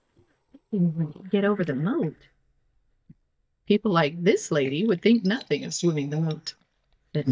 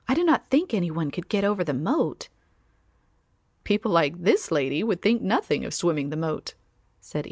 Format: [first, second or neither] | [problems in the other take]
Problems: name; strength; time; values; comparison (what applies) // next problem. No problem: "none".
second | noise reduction (neural mask model DeepFilterNet 3)